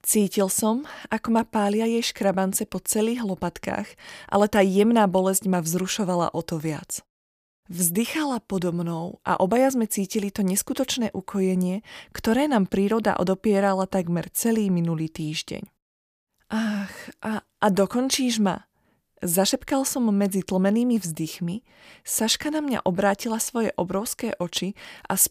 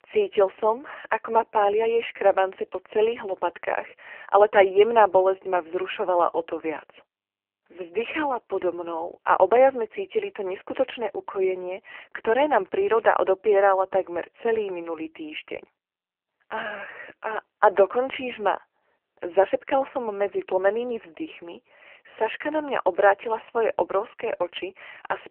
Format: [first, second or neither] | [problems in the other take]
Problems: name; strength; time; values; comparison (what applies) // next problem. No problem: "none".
first | phone-call audio; poor line; nothing above 3 kHz